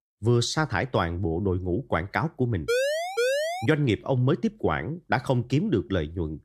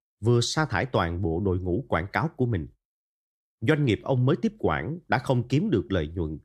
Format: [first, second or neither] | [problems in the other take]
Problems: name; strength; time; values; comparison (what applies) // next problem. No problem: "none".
second | siren; loud; at 2.5 s; peak 1 dB above the speech